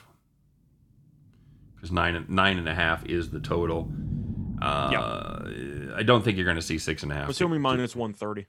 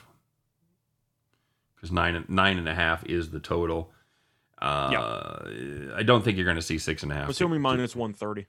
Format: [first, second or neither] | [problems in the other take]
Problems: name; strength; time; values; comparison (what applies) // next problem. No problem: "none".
second | low rumble; faint; throughout; 20 dB below the speech